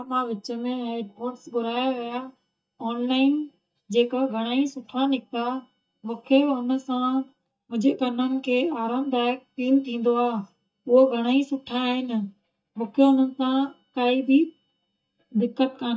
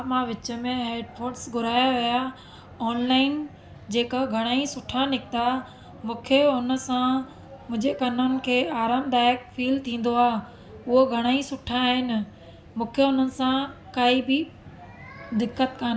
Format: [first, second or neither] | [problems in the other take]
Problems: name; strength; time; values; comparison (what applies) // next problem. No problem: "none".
second | noise reduction (neural mask model DeepFilterNet 3)